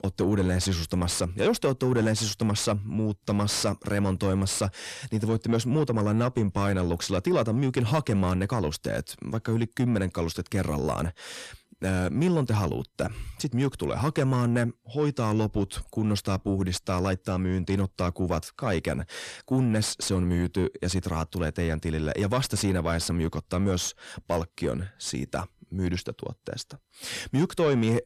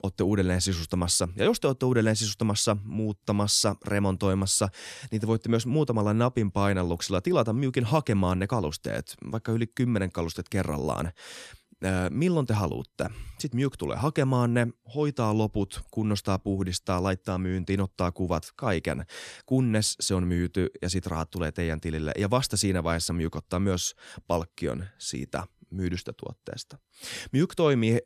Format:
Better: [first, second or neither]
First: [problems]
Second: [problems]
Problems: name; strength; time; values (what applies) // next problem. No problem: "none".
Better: second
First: distortion; slight; 10 dB below the speech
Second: none